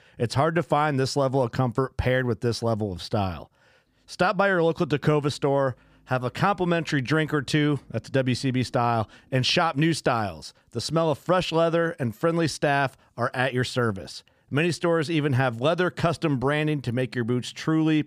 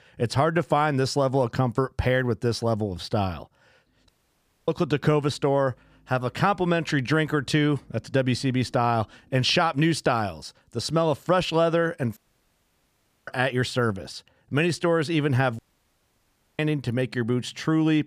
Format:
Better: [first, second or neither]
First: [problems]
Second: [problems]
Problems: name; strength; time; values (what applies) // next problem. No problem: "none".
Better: first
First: none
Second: audio cutting out; at 4 s for 0.5 s, at 12 s for 1 s and at 16 s for 1 s